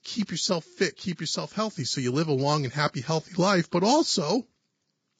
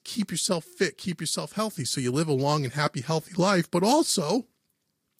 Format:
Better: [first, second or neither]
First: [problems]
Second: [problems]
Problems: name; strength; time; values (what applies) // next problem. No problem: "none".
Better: second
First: garbled, watery; badly; nothing above 7.5 kHz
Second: garbled, watery; slightly; nothing above 15 kHz